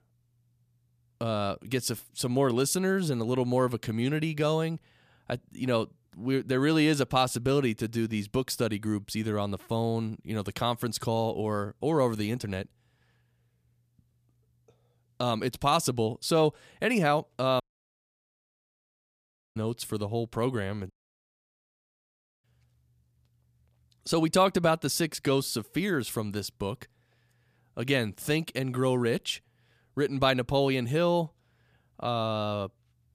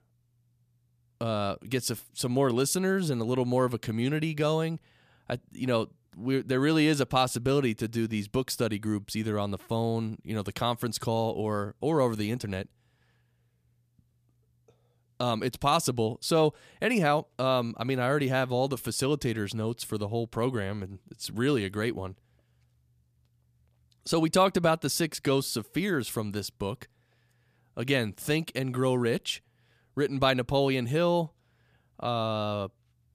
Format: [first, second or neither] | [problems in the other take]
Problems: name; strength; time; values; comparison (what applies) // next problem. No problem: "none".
second | audio cutting out; at 18 s for 2 s and at 21 s for 1.5 s